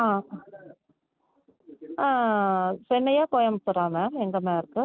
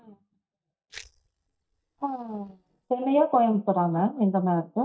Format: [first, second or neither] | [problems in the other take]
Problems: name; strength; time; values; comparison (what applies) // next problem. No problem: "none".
first | noise reduction (neural mask model DeepFilterNet 3)